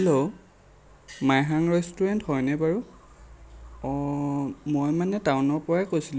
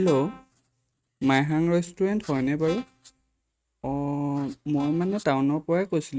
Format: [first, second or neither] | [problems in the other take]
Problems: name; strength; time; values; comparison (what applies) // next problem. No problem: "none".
first | noise reduction (neural mask model RNNoise)